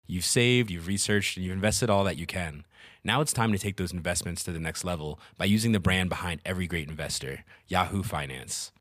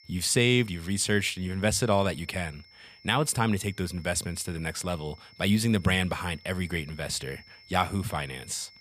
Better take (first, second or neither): first